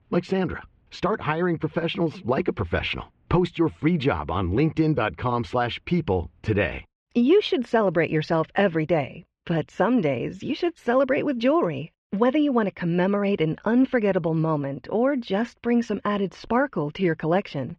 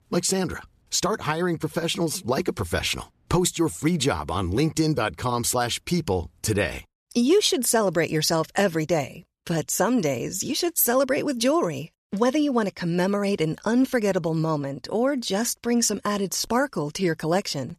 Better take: second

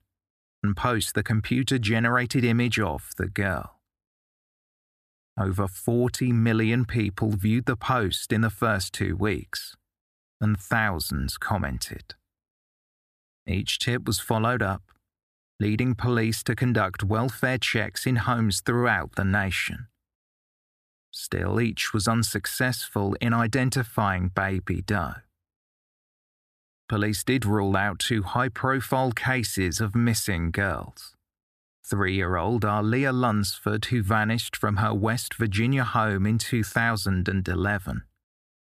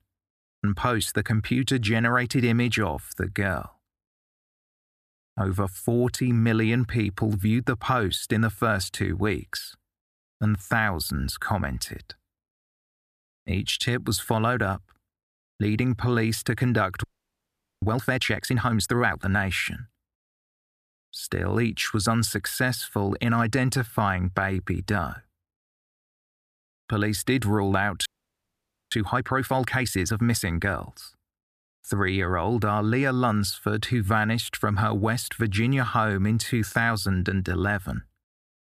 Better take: first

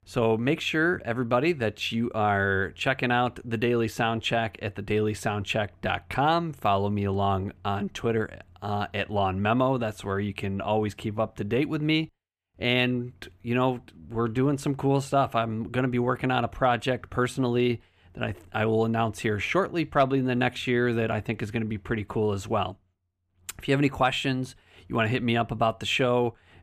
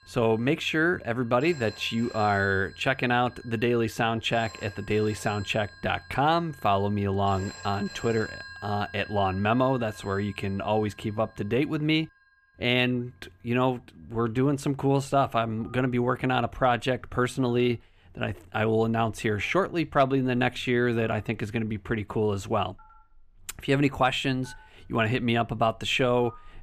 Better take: first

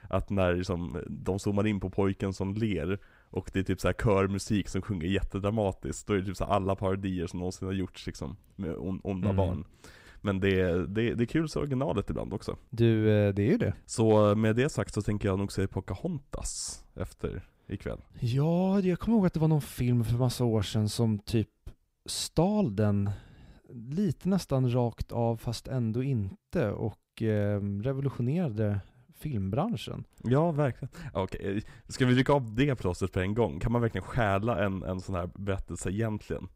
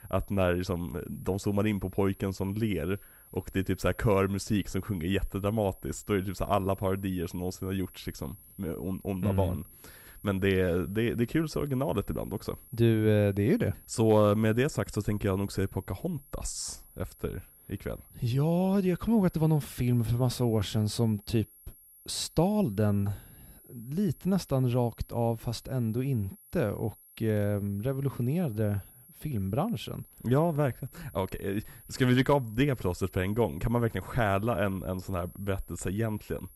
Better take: first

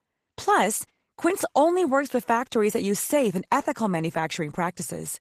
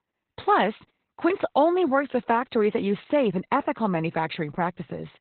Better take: first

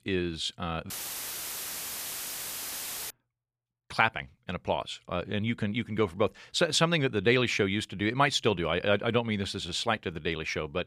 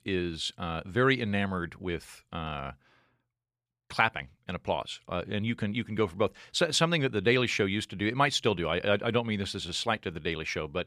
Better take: second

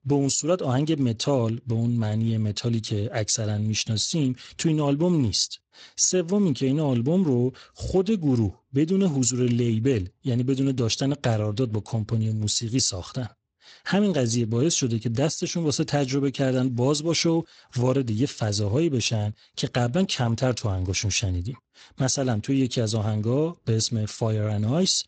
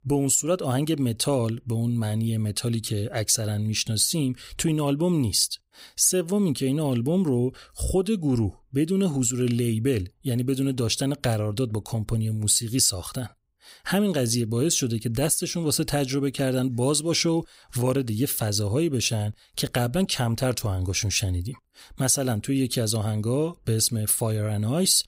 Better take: second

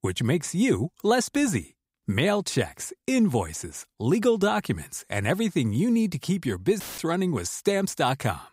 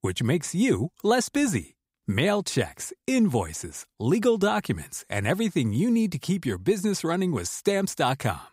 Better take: second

